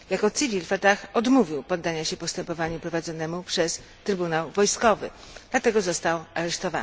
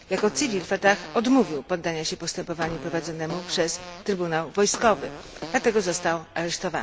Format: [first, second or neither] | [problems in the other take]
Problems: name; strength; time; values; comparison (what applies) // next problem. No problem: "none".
first | background sound (Fart); 14 dB below the speech